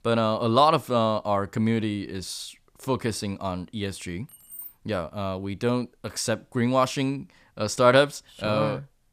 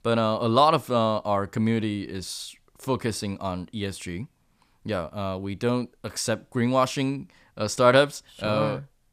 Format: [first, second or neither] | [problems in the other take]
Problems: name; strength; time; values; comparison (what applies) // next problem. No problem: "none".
second | jangling keys; faint; at 4.5 s; peak 15 dB below the speech